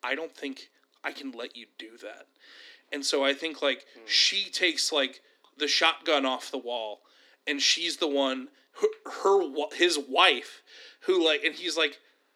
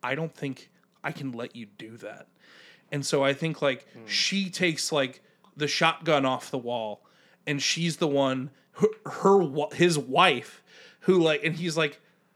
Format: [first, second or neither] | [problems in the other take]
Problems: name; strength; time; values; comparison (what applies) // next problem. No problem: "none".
second | thin; very slightly; fading below 250 Hz